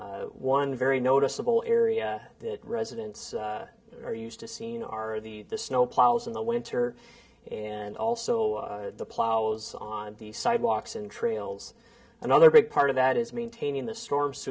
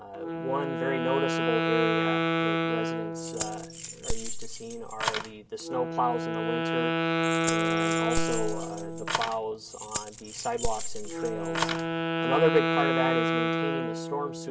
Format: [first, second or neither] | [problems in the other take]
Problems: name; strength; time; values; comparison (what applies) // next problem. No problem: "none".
first | background sound (Wind instrument, woodwind instrument + Keys jangling); 4 dB above the speech